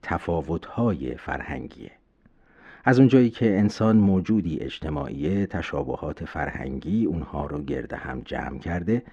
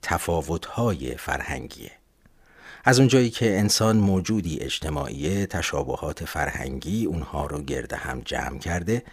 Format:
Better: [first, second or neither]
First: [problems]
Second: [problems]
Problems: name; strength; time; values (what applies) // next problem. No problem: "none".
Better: second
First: muffled; very; fading above 2.5 kHz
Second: none